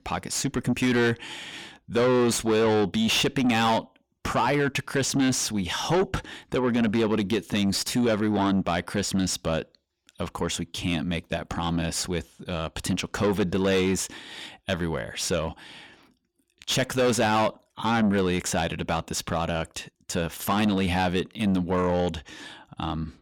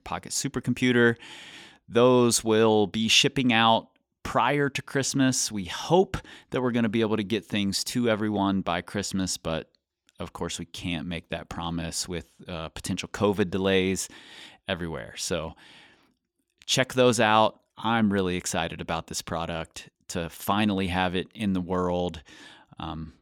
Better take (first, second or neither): second